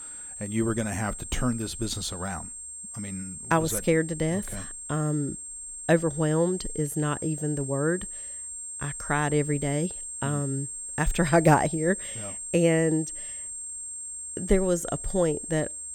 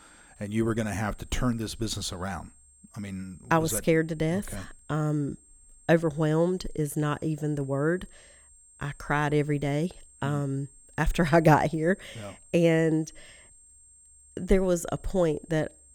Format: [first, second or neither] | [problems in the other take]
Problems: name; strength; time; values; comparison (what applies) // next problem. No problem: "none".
second | high-pitched whine; loud; throughout; 8.5 kHz, 8 dB below the speech; faint in the second